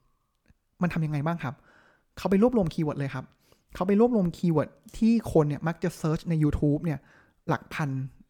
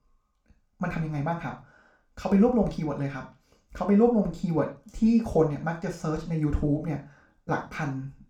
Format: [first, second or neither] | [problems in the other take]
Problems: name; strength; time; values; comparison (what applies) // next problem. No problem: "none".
first | room echo; slight; dies away in 0.3 s // off-mic speech; somewhat distant